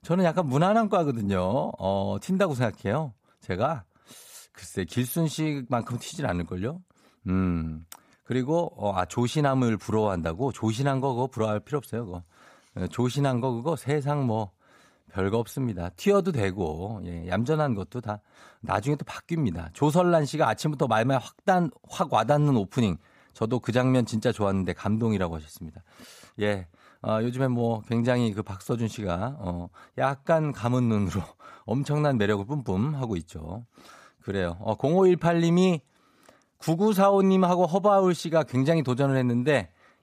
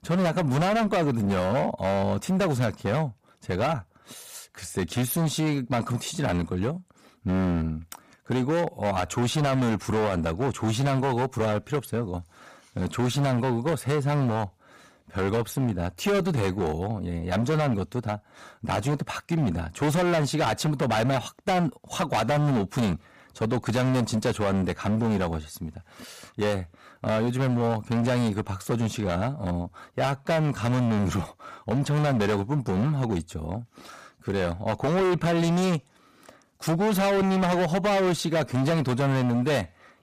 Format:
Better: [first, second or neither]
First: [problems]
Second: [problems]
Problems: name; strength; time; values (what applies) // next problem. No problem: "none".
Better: first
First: none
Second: distortion; heavy; 21% of the sound clipped